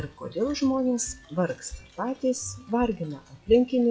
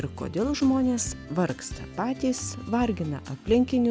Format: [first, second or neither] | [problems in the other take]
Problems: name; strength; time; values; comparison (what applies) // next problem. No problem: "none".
second | noise reduction (classical method WPE with log-MMSE)